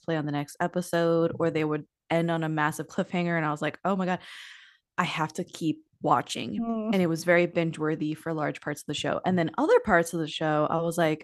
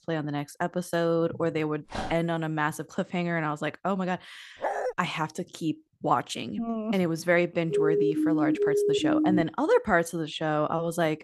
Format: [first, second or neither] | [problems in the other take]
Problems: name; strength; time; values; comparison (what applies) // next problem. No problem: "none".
first | dog barking; noticeable; at 2 s and at 4.5 s; peak 2 dB below the speech // siren; loud; from 7.5 to 9.5 s; peak 4 dB above the speech